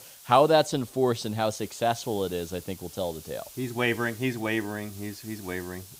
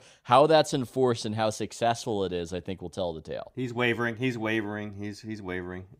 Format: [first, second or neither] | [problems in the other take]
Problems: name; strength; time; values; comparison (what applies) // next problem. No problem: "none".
second | hiss; noticeable; throughout; 20 dB below the speech